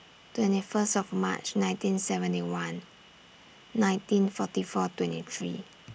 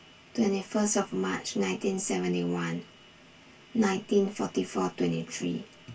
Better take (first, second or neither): first